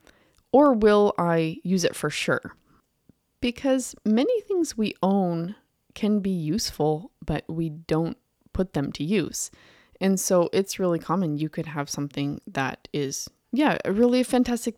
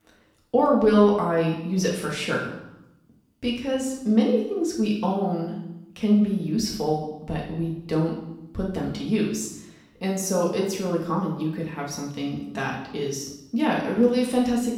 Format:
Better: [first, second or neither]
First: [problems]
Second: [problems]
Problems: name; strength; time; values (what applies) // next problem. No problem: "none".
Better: first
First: none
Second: room echo; noticeable; dies away in 0.7 s // off-mic speech; far